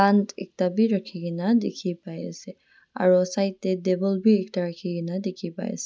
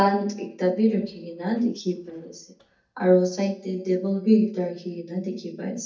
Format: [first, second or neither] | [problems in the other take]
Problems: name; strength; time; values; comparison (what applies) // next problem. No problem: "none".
first | noise reduction (neural mask model DeepFilterNet 3)